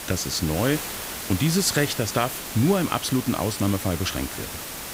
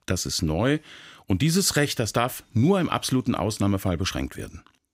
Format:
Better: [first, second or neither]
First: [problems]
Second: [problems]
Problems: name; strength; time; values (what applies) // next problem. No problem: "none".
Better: second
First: hiss; loud; throughout; 7 dB below the speech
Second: none